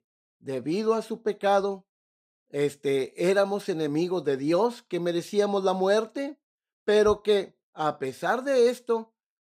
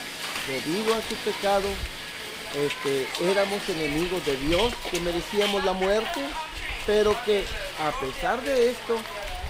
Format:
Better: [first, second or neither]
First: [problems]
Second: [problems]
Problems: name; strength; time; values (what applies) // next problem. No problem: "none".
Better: first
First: none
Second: hiss; loud; throughout; 4 dB below the speech